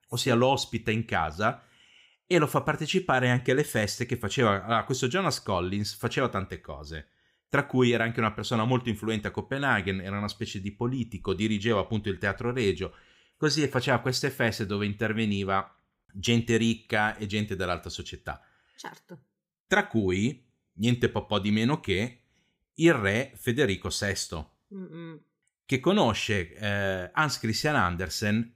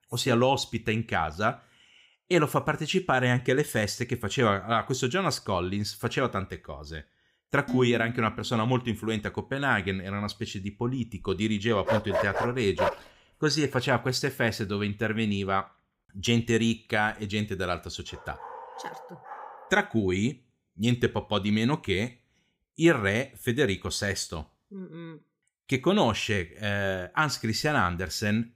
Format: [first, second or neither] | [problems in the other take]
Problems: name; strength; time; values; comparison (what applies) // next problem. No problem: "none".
first | clattering dishes; noticeable; at 7.5 s; peak 5 dB below the speech // dog barking; noticeable; from 12 to 13 s; peak level with the speech // dog barking; faint; from 18 to 20 s; peak 15 dB below the speech